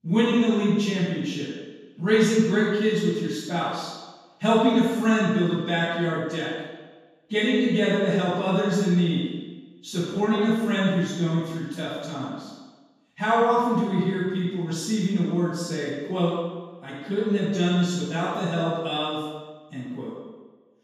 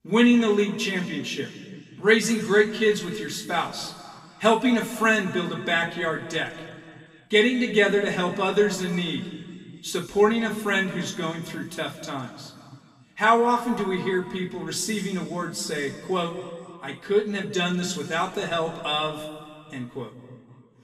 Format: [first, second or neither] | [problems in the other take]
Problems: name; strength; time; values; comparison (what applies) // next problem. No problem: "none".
second | room echo; strong; dies away in 1.2 s; slight in the second // off-mic speech; far; far in the second